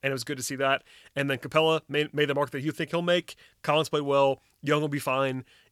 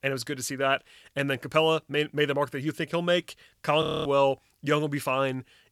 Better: first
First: none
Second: audio freezing; at 4 s

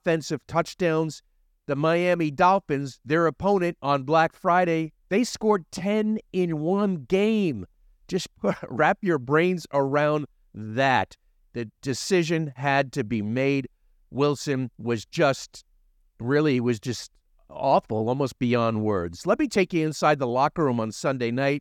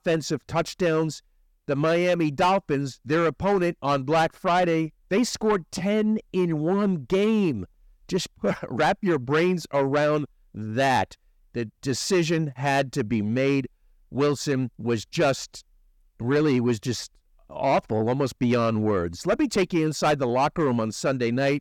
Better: first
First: none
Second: distortion; slight; 10 dB below the speech

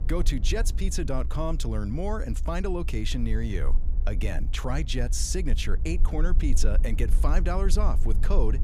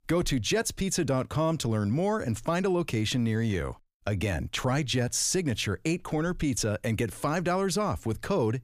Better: second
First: low rumble; noticeable; throughout; 15 dB below the speech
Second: none

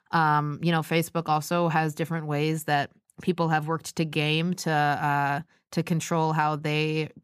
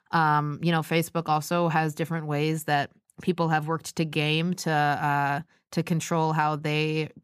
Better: neither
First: none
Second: none

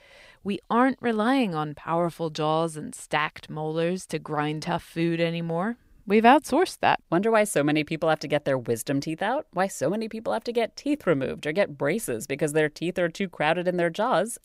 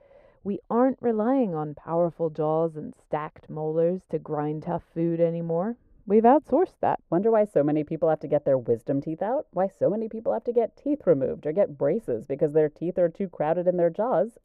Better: first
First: none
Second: muffled; very; fading above 2 kHz

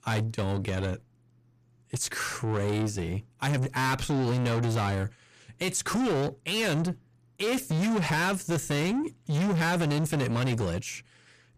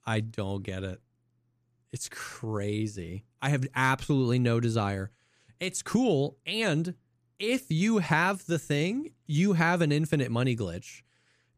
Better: second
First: distortion; heavy; 6 dB below the speech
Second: none

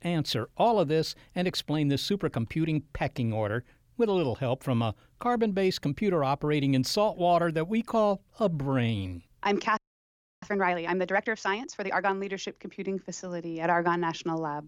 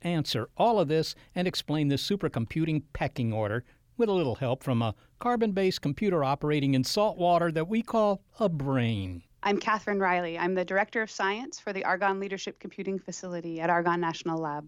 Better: second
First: audio freezing; at 10 s for 0.5 s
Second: none

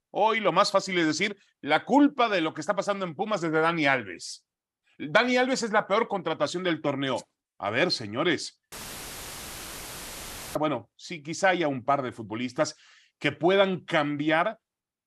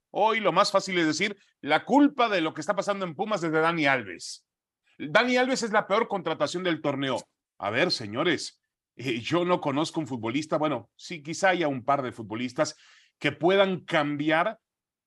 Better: second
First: audio cutting out; filled with static; at 8.5 s for 2 s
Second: none

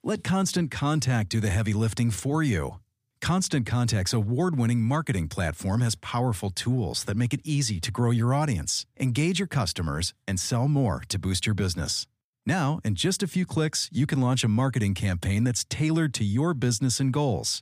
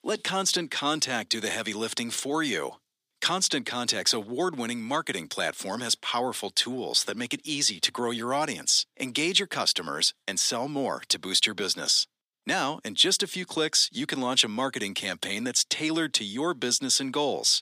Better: first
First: none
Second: thin; somewhat; fading below 300 Hz

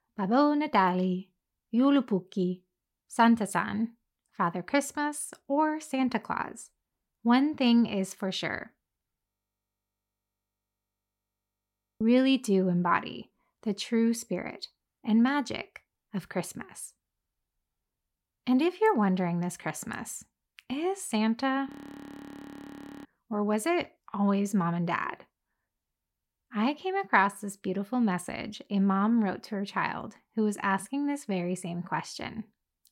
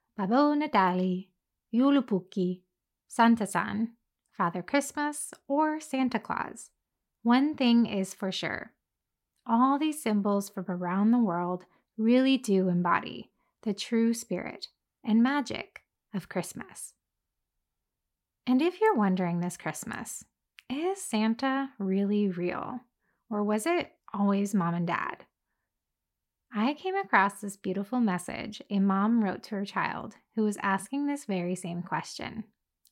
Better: second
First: audio freezing; at 9.5 s for 2.5 s and at 22 s for 1.5 s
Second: none

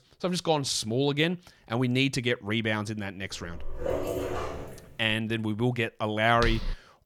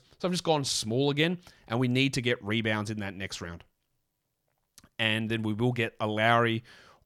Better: second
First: dog barking; noticeable; from 3.5 to 5 s; peak 3 dB below the speech // footsteps; noticeable; at 6.5 s; peak 6 dB below the speech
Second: none

